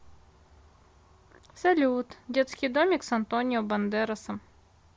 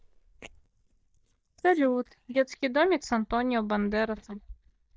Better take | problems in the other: first | noise reduction (neural mask model DeepFilterNet 3)

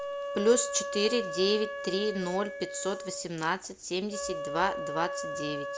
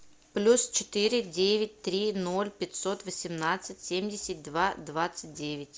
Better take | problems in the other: second | background sound (Wind instrument, woodwind instrument); 6 dB below the speech

